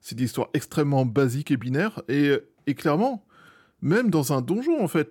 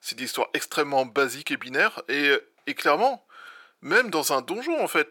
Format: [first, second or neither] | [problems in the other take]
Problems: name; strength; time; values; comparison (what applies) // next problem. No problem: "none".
first | thin; very; fading below 650 Hz